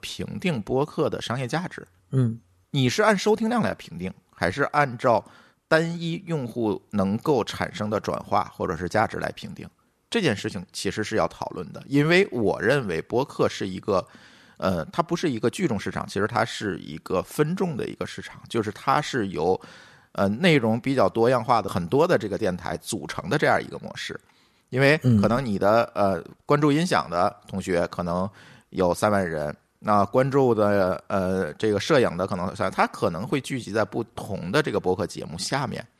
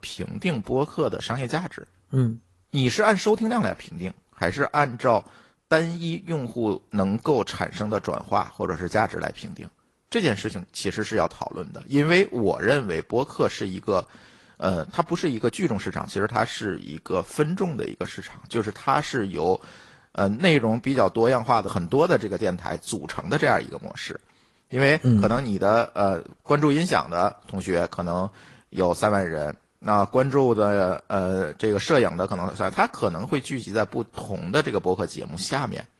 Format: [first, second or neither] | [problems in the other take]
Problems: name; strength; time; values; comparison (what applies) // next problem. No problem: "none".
first | garbled, watery; slightly; nothing above 11.5 kHz